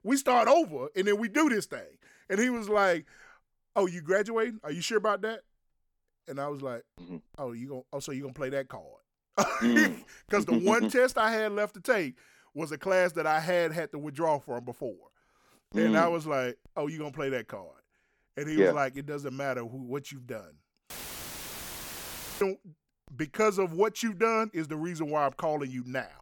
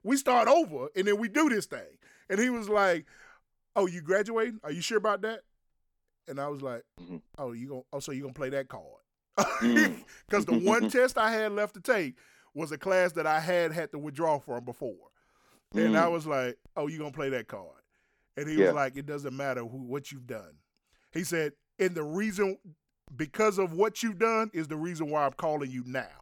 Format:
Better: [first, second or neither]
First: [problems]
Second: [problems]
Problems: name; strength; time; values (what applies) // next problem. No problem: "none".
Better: second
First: audio cutting out; filled with static; at 21 s for 1.5 s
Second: none